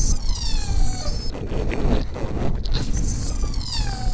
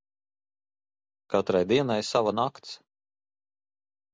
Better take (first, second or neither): second